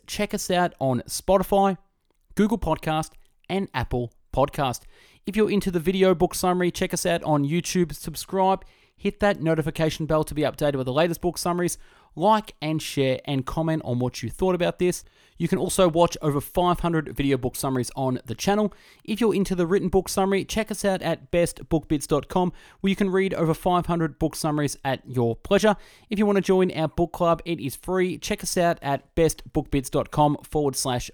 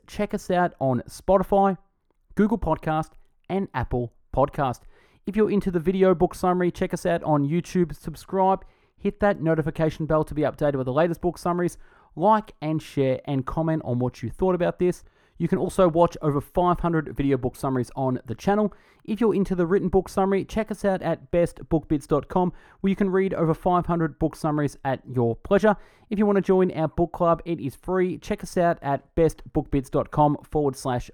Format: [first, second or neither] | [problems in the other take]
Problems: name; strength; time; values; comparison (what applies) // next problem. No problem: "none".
first | muffled; slightly; fading above 2 kHz